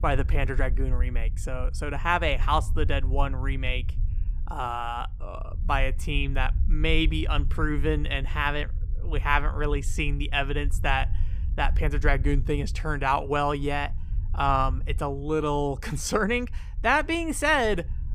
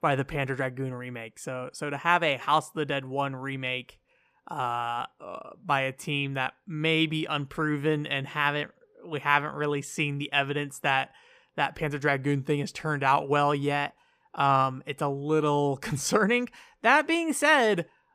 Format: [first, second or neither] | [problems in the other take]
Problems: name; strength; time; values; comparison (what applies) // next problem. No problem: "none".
second | low rumble; faint; throughout; 25 dB below the speech